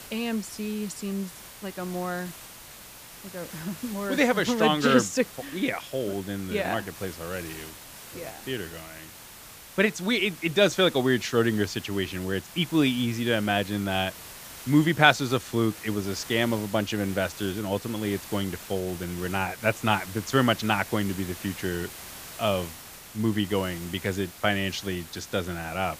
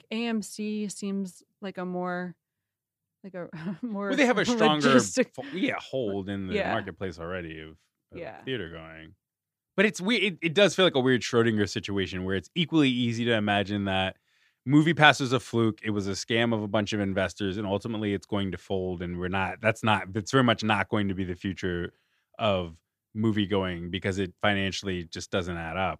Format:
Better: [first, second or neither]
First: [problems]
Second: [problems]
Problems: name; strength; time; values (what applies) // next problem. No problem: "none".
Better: second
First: hiss; noticeable; throughout; 15 dB below the speech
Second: none